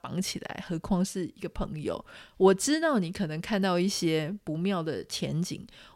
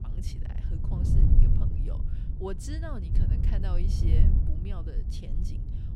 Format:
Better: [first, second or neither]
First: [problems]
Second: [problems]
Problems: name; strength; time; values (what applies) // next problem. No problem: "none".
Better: first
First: none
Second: wind noise on the microphone; heavy; 1 dB above the speech